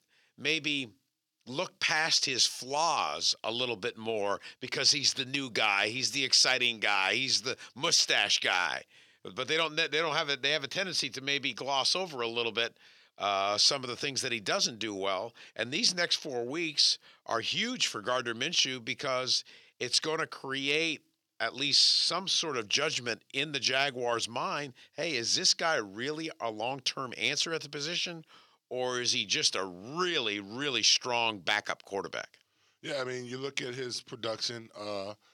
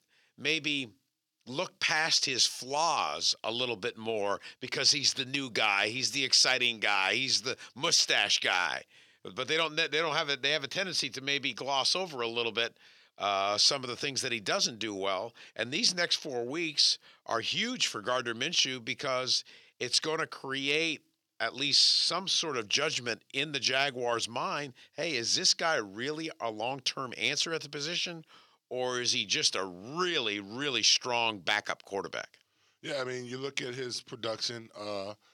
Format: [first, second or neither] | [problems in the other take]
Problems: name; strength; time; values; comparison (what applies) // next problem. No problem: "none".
neither | thin; somewhat; fading below 350 Hz; the same in both